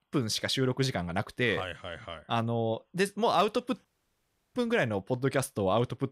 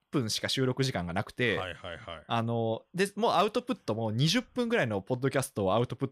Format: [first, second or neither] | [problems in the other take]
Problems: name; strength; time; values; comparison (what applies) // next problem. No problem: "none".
second | audio cutting out; at 4 s for 0.5 s